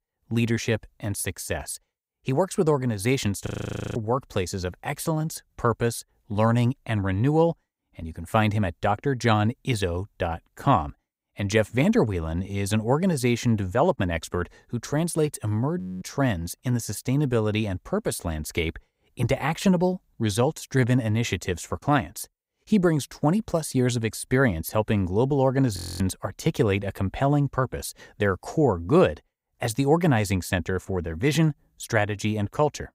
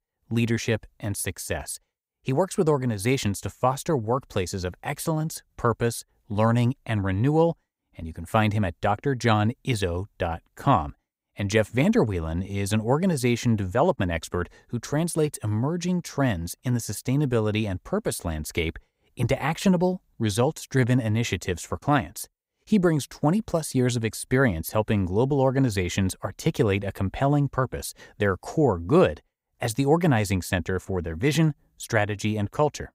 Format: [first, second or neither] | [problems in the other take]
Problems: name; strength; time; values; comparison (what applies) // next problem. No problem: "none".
second | audio freezing; at 3.5 s, at 16 s and at 26 s